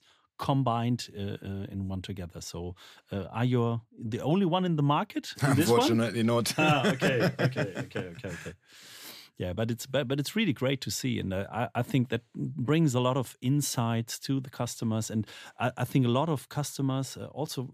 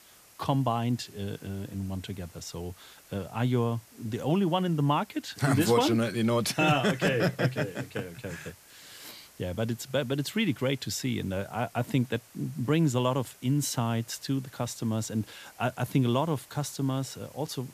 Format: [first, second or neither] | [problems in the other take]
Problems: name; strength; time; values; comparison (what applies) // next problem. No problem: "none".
first | hiss; faint; throughout; 25 dB below the speech